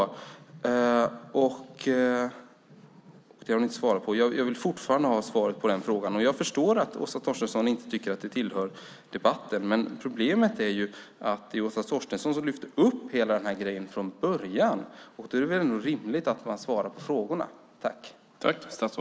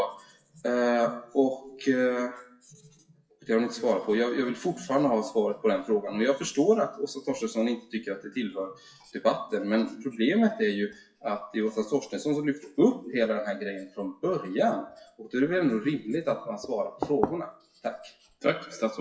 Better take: first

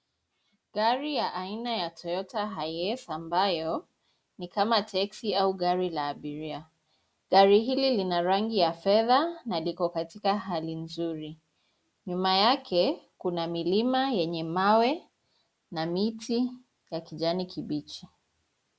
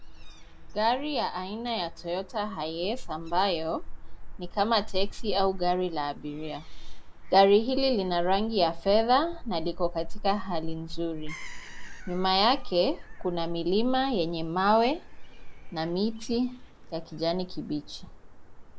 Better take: first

